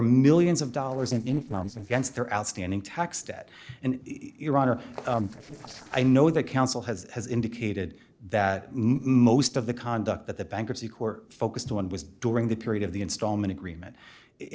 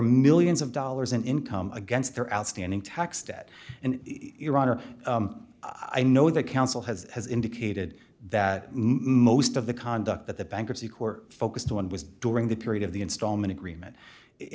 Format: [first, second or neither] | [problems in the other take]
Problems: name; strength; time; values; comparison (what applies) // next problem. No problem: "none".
second | noise reduction (neural separator model SepFormer DNS4)